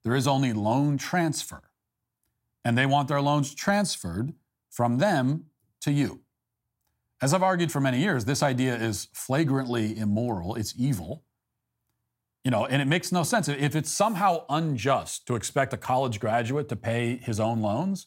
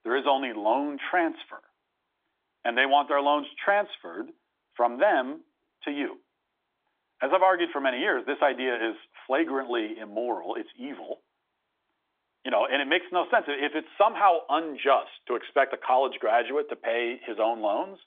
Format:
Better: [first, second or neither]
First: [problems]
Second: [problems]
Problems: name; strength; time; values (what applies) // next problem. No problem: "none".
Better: first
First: none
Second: phone-call audio; nothing above 3.5 kHz